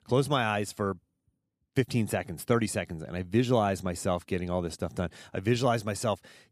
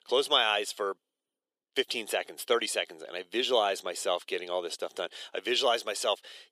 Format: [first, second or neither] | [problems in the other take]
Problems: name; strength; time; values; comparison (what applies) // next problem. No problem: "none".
first | thin; very; fading below 400 Hz